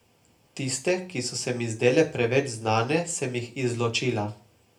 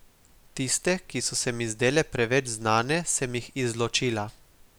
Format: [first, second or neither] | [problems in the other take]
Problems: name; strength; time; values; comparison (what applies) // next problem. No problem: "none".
second | room echo; dies away in 0.3 s